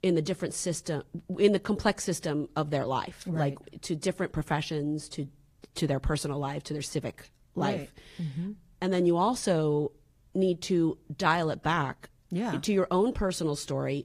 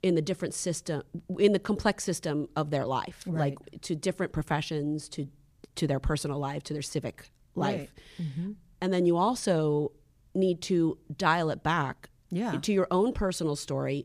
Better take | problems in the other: second | garbled, watery; slightly; nothing above 15 kHz

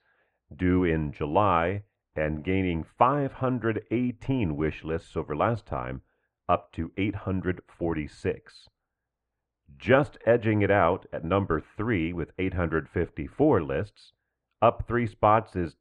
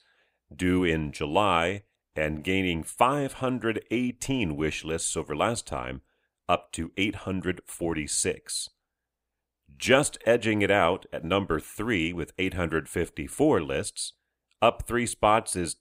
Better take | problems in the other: second | muffled; very; fading above 1.5 kHz

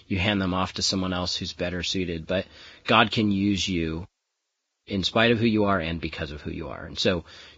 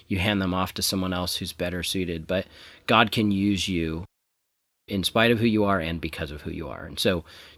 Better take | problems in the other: second | garbled, watery; badly; nothing above 7.5 kHz

